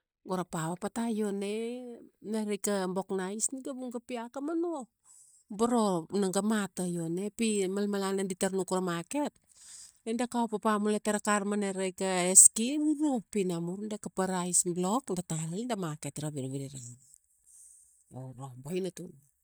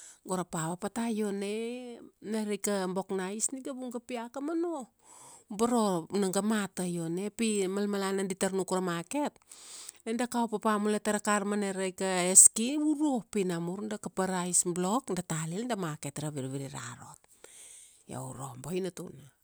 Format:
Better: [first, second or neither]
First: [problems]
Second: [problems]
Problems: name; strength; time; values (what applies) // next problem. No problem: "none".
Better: second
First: noise reduction (neural mask model DeepFilterNet 3)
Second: none